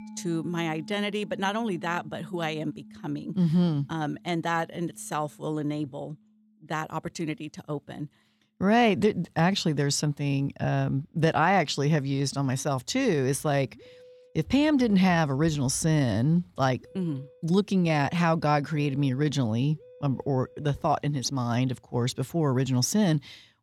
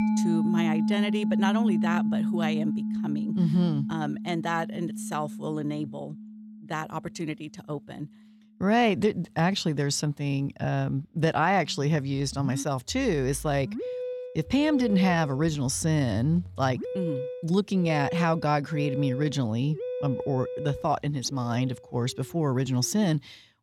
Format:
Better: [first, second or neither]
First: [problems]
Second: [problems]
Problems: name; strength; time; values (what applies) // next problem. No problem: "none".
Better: first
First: background music; faint; throughout; 20 dB below the speech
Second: background music; loud; throughout; 3 dB below the speech